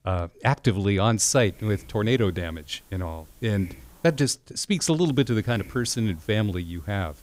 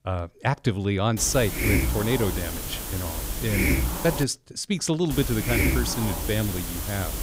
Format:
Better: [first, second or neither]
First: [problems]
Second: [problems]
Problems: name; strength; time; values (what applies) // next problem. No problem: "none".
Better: first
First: hiss; faint; from 1 to 4 s and from 5 s on; 25 dB below the speech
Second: hiss; loud; from 1 to 4 s and from 5 s on; 1 dB below the speech